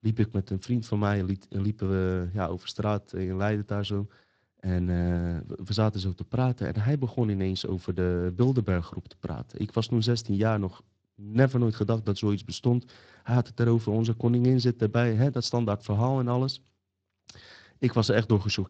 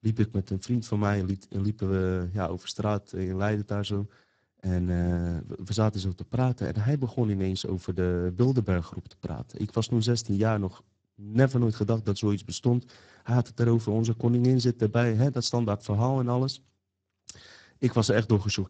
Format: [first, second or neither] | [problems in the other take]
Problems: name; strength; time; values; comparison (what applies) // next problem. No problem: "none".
first | garbled, watery; badly; nothing above 7.5 kHz; slightly in the first